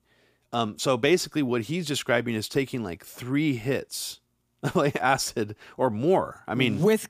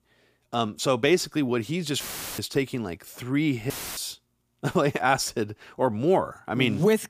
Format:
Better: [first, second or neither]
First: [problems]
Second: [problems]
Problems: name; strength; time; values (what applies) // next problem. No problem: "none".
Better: first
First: none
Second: audio cutting out; filled with static; at 2 s and at 3.5 s